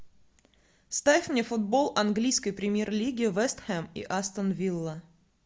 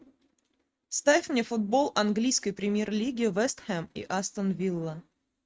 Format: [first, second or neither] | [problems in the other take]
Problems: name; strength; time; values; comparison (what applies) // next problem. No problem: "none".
first | noise reduction (neural mask model RNNoise)